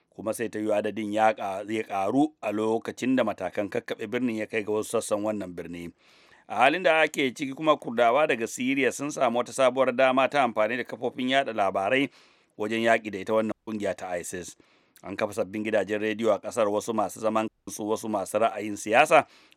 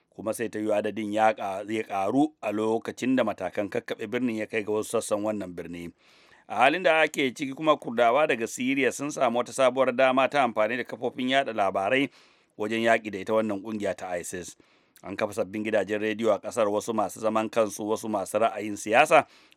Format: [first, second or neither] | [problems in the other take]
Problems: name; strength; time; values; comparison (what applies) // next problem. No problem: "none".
second | audio cutting out; at 14 s and at 17 s